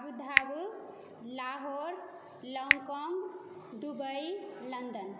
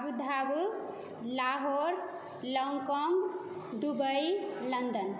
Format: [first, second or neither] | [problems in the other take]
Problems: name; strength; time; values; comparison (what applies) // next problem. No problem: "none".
second | background sound (Finger snapping); 2 dB above the speech